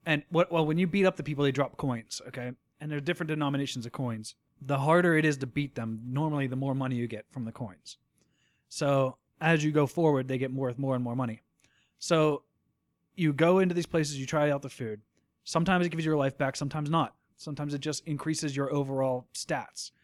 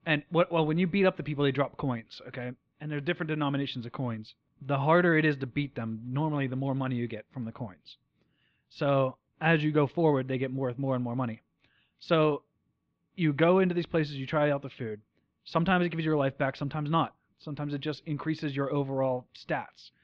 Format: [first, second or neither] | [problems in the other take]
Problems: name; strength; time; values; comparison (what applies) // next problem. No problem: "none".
first | muffled; slightly; fading above 4 kHz